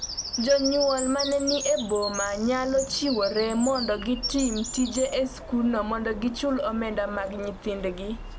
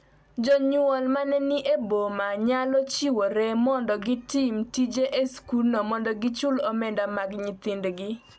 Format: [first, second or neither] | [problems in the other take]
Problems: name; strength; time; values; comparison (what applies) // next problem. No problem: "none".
second | background sound (Bird vocalization, bird call, bird song); 9 dB below the speech